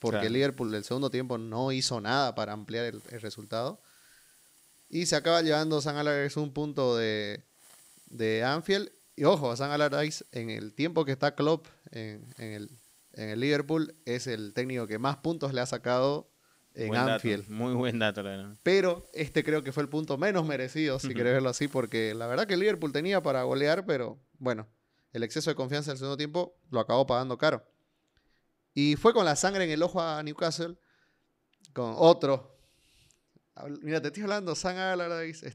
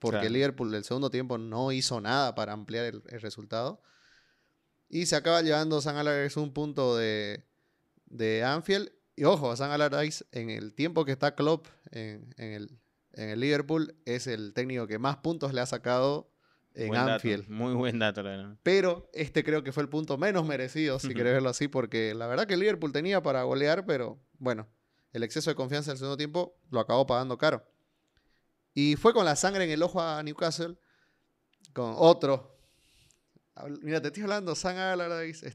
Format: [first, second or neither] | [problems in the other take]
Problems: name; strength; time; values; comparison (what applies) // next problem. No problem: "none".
second | hiss; faint; until 24 s; 30 dB below the speech